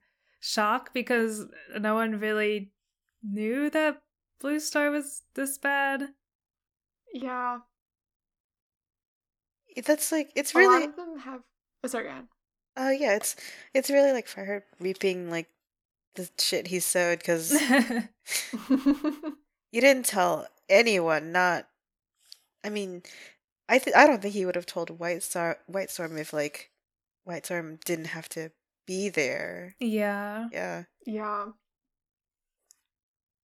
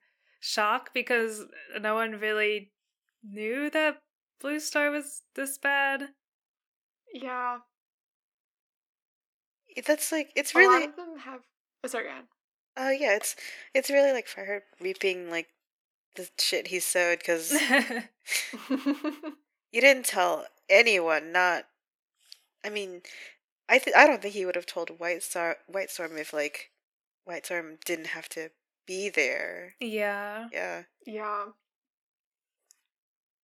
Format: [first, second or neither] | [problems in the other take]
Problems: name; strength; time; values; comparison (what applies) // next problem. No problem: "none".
first | thin; very slightly; fading below 350 Hz